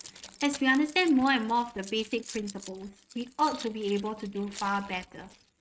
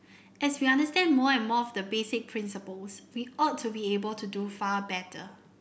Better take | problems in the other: second | noise reduction (neural mask model RNNoise)

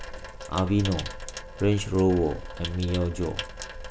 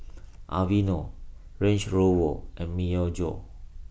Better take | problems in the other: second | background sound (Sink (filling or washing) / Water tap, faucet); 12 dB below the speech

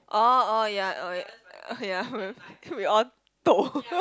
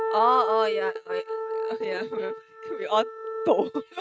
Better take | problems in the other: first | noise reduction (neural mask model RNNoise)

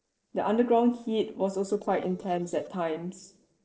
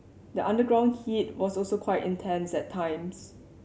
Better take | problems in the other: second | noise reduction (neural separator model SepFormer DNS4)

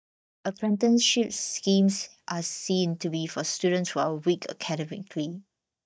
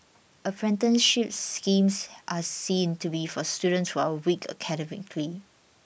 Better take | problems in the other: second | noise reduction (neural mask model DeepFilterNet 3)

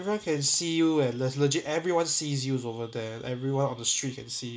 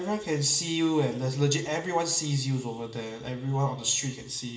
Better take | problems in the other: first | room echo; dies away in 0.8 s

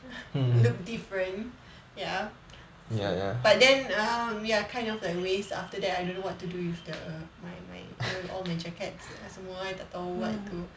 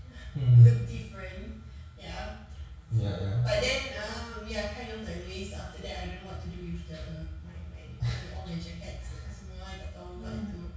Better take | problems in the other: first | room echo; dies away in 0.6 s

